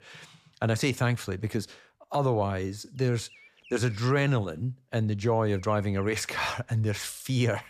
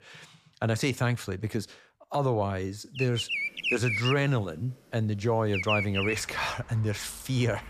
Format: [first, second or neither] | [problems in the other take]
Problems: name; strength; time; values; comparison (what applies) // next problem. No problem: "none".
first | animal sounds; loud; from 3 s on; 1 dB below the speech; faint in the first